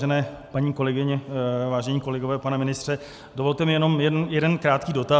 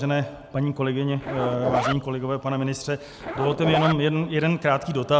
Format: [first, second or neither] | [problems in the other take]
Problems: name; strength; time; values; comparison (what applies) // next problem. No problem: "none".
first | background sound (Zipper (clothing)); 5 dB below the speech